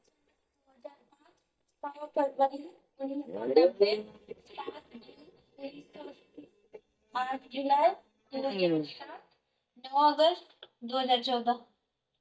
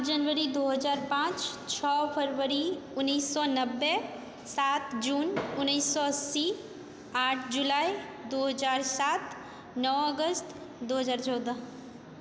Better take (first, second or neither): second